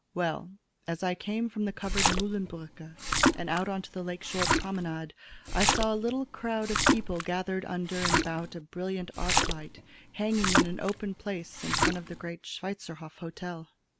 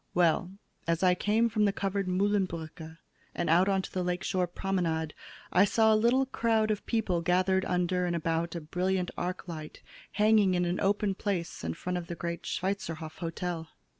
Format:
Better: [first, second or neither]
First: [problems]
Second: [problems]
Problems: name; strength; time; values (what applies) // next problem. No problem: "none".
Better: second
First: background sound (Splash, splatter); 2 dB above the speech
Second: none